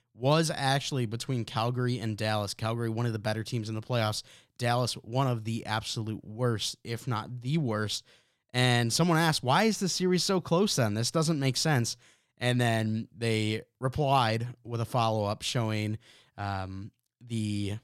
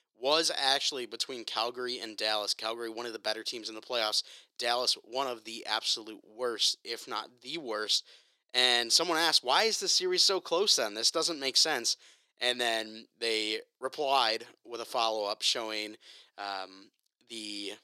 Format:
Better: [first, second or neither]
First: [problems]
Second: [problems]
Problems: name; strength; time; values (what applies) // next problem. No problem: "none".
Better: first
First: none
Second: thin; very; fading below 350 Hz